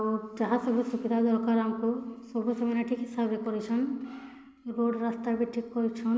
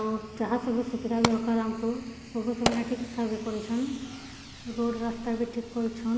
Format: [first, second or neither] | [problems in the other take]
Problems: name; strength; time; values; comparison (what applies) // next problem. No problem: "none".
first | background sound (Fire); 8 dB below the speech